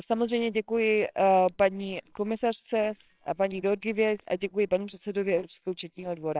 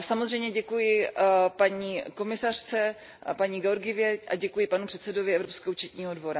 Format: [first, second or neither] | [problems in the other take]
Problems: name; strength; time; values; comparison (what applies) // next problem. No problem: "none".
second | noise reduction (neural separator model SepFormer WHAMR!)